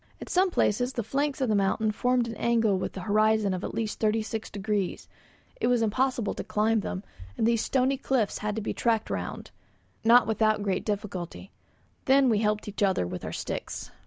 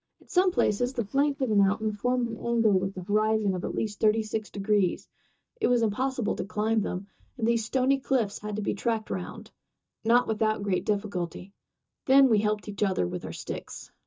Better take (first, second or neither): first